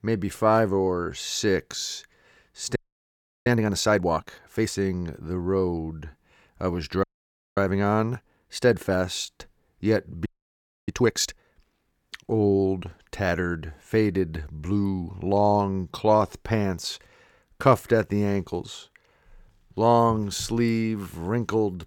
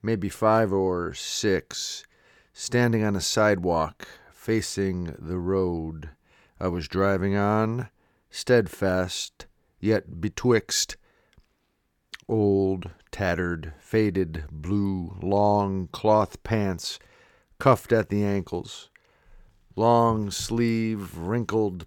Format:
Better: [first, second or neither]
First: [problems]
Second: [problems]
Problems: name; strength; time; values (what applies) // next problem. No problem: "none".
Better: second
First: audio freezing; at 3 s for 0.5 s, at 7 s for 0.5 s and at 10 s for 0.5 s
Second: none